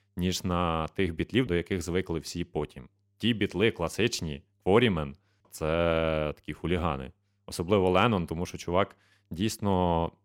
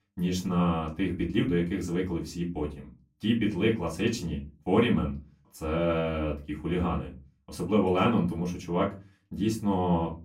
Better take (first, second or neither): first